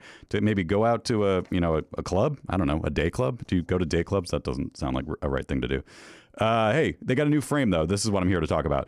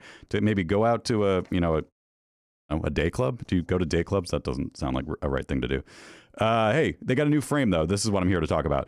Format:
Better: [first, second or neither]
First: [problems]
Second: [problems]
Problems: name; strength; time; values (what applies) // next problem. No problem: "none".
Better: first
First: none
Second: audio cutting out; at 2 s for 1 s